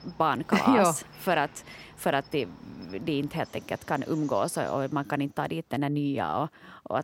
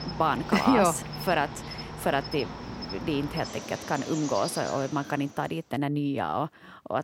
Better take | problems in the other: first | animal sounds; loud; until 5 s; 10 dB below the speech; faint in the first

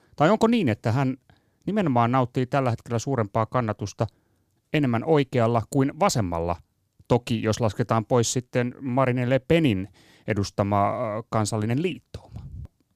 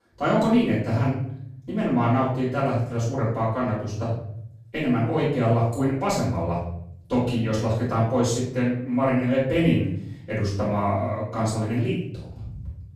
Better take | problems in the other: first | off-mic speech; far // room echo; noticeable; dies away in 0.8 s

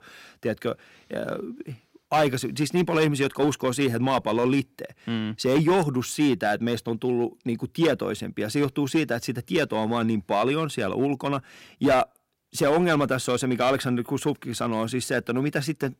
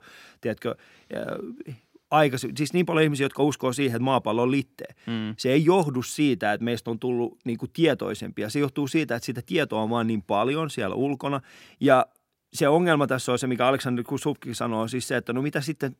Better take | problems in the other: second | distortion; slight; 4% of the sound clipped

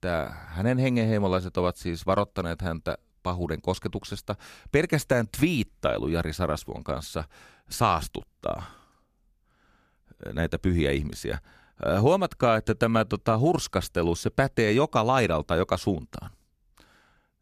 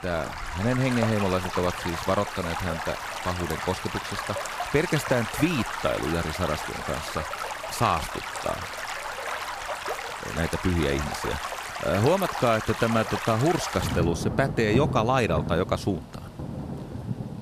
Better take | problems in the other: first | rain or running water; loud; throughout; 5 dB below the speech

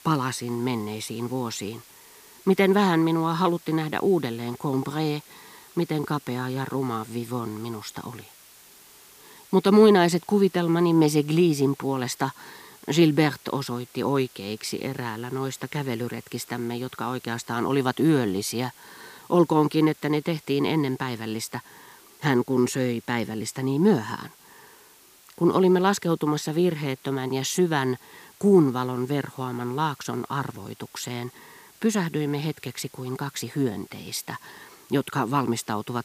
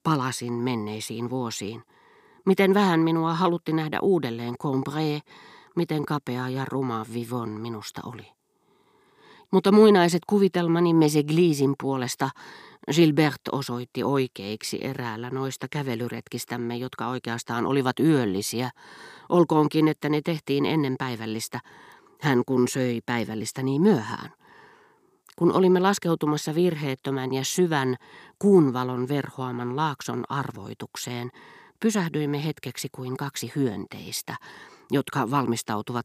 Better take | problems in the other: second | hiss; faint; throughout; 25 dB below the speech

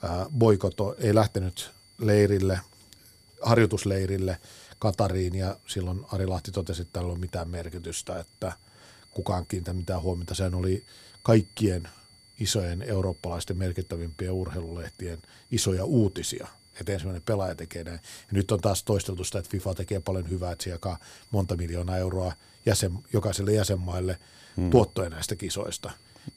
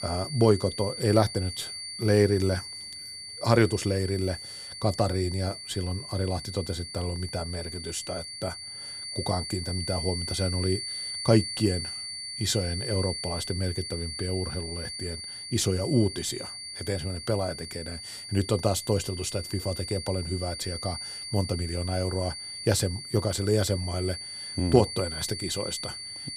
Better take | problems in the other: first | high-pitched whine; loud; throughout; 4.5 kHz, 7 dB below the speech; faint in the first

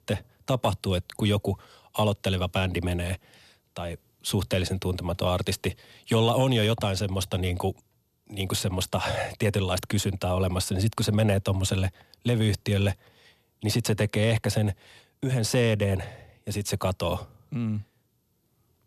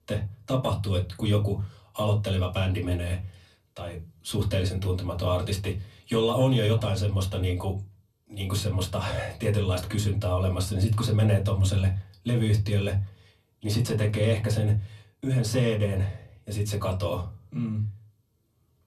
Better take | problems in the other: first | off-mic speech; far // room echo; very slight; dies away in 0.3 s

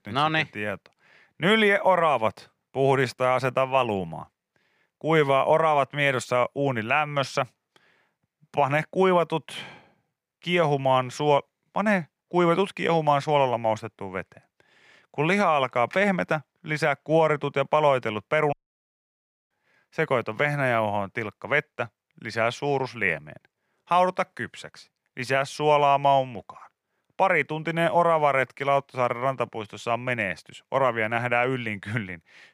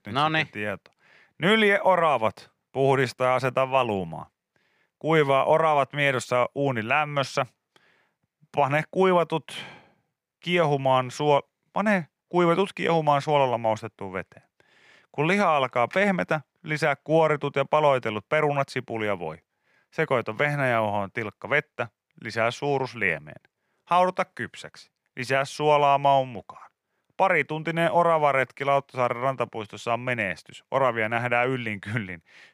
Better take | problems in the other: second | audio cutting out; at 19 s for 1 s

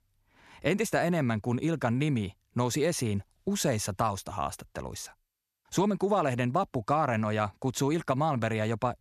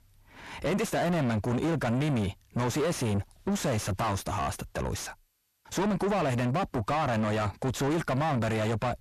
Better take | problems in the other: first | distortion; heavy; 5 dB below the speech

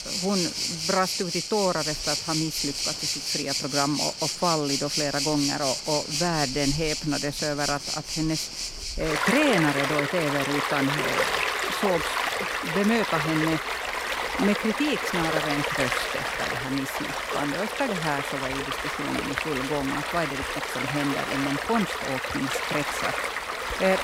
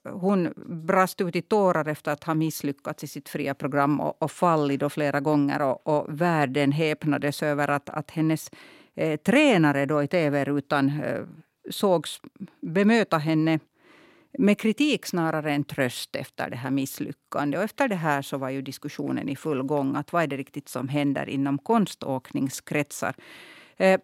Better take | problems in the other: second | rain or running water; very loud; throughout; 1 dB above the speech

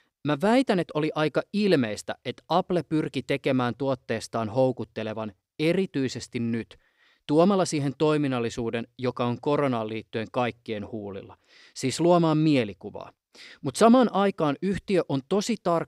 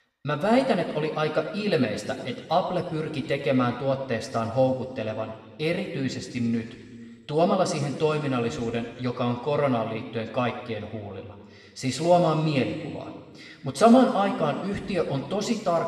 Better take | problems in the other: first | room echo; noticeable; dies away in 1.8 s // off-mic speech; somewhat distant

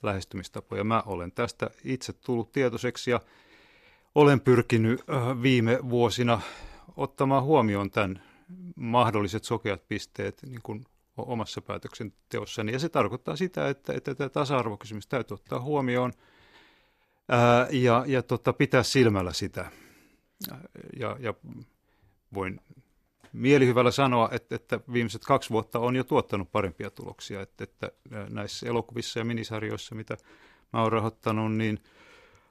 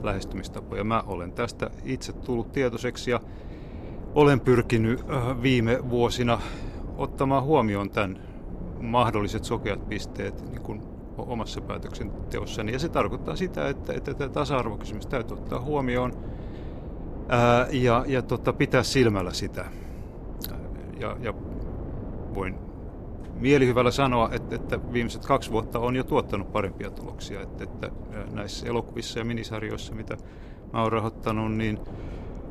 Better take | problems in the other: first | wind noise on the microphone; occasional gusts; 15 dB below the speech

